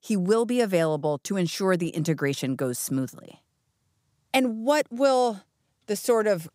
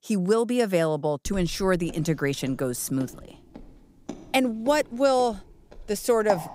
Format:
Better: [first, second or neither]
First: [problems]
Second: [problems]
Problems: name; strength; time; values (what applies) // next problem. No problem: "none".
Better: first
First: none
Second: footsteps; noticeable; from 1.5 s on; peak 7 dB below the speech